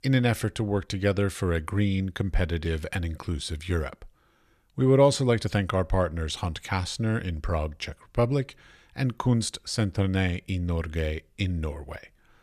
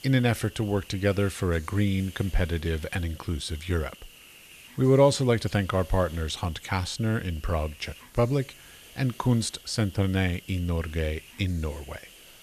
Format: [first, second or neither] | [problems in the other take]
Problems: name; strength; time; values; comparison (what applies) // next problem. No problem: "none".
first | hiss; faint; throughout; 20 dB below the speech